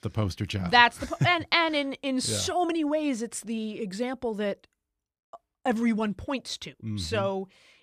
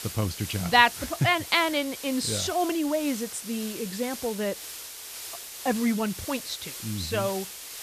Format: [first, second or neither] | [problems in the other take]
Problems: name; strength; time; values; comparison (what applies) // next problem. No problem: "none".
first | hiss; noticeable; throughout; 10 dB below the speech